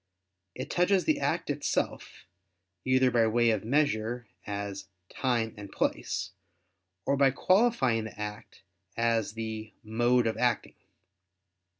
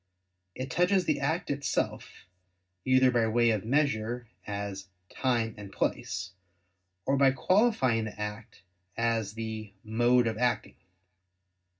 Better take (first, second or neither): first